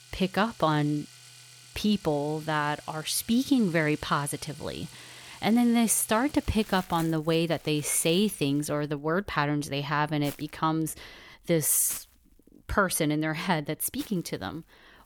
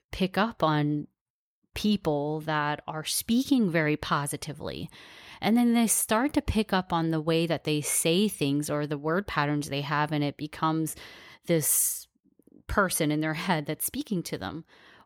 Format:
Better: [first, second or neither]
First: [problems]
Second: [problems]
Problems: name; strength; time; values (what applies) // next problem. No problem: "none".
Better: second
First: household noises; faint; throughout; 20 dB below the speech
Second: none